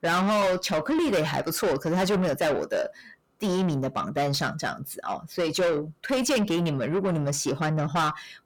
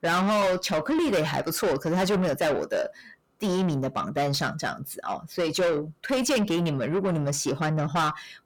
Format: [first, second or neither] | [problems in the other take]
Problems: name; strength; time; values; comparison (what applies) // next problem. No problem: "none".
neither | distortion; heavy; 6 dB below the speech; the same in both